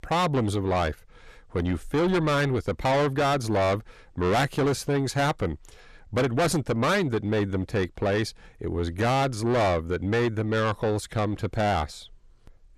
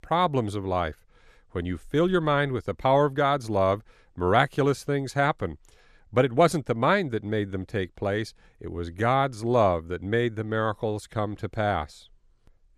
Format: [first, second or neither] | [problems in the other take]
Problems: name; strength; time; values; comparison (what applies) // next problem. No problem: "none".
second | distortion; heavy; 6 dB below the speech